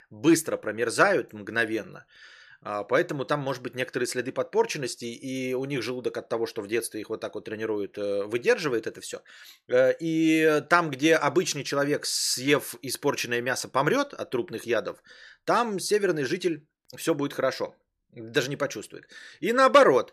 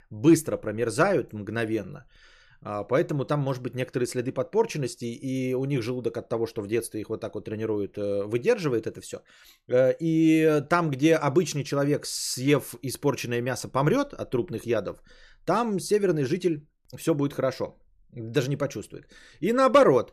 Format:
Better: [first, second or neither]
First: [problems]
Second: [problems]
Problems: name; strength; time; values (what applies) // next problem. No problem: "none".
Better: second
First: thin; very slightly; fading below 800 Hz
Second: none